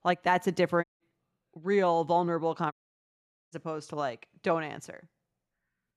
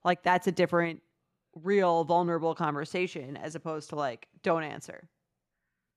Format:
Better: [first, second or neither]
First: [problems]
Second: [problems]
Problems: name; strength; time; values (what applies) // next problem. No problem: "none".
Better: second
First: audio cutting out; at 1 s and at 2.5 s for 1 s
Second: none